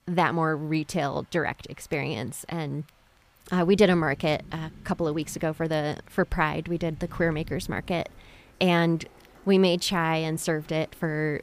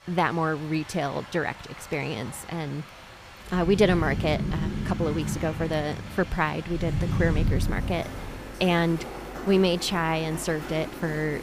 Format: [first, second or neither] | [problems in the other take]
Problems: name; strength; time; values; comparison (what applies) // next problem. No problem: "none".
first | rain or running water; loud; throughout; 6 dB below the speech; faint in the first